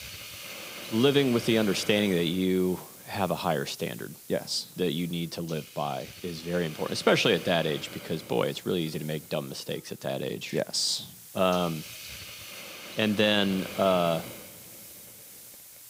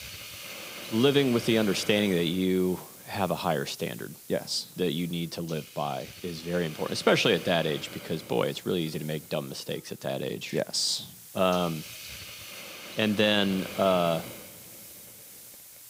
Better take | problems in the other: neither | hiss; noticeable; throughout; 15 dB below the speech; the same in both

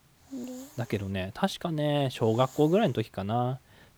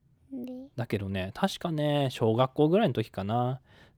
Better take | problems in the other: second | hiss; faint; throughout; 25 dB below the speech

